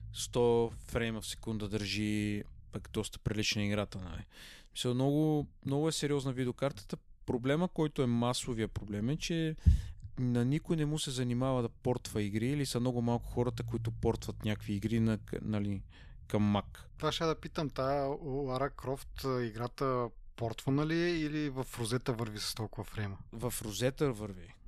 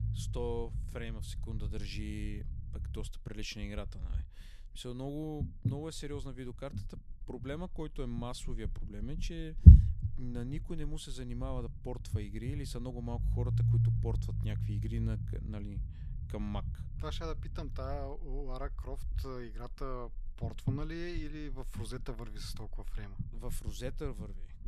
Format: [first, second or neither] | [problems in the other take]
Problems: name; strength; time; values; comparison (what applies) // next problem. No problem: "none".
first | low rumble; loud; throughout; 1 dB below the speech; faint in the first